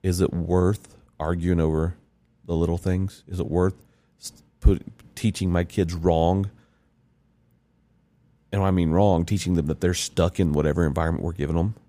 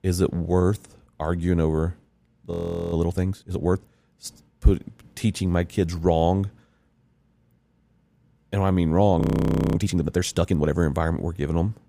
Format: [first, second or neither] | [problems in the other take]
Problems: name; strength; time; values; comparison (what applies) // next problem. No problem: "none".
first | audio freezing; at 2.5 s and at 9 s for 0.5 s